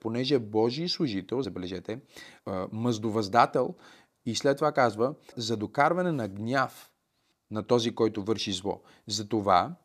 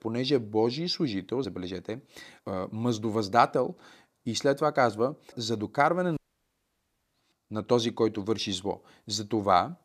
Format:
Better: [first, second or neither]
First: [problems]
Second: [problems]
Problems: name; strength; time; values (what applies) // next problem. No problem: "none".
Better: first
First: none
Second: audio cutting out; at 6 s for 1 s